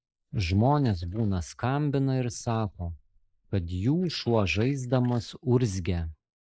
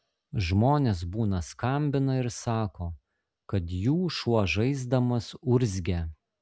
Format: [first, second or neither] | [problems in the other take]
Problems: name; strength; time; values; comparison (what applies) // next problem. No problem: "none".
second | noise reduction (neural mask model Resemble Enhance denoiser)